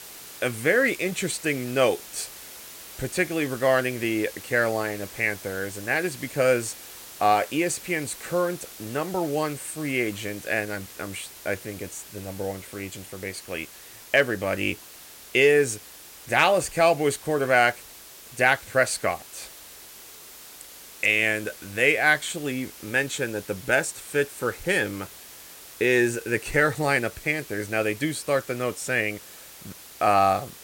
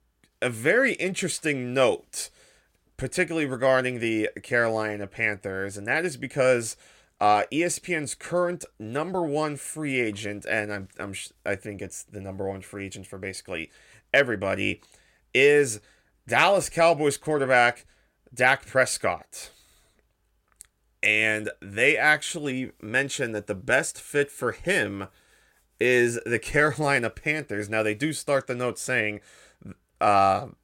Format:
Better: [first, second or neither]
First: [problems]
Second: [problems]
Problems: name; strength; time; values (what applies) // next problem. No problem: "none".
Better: second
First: hiss; noticeable; throughout; 15 dB below the speech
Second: none